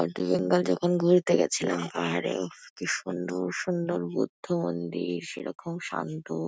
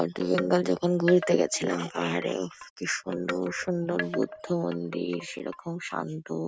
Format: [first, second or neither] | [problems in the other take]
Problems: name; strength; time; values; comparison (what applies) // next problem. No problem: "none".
first | background sound (Wind chime); 12 dB below the speech